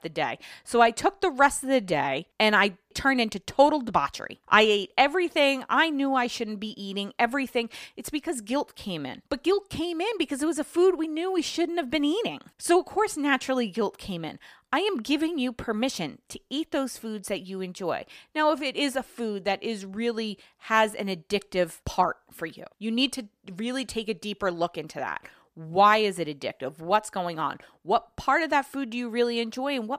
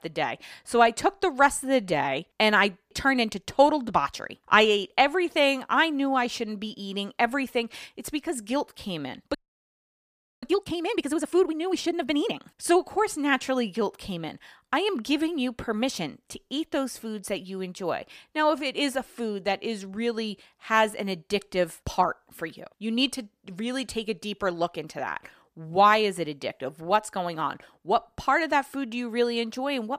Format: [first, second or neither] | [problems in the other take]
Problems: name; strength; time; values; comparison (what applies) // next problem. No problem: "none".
first | audio freezing; at 9.5 s for 1 s